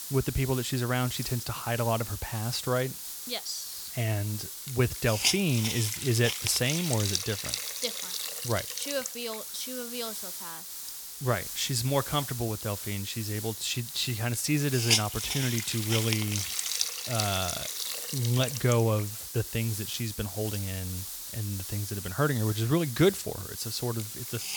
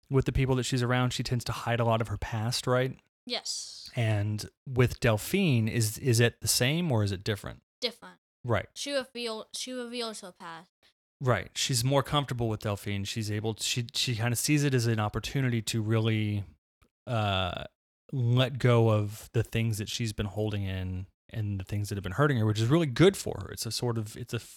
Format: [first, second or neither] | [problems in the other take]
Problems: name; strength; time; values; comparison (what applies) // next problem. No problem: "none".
second | hiss; loud; throughout; 3 dB below the speech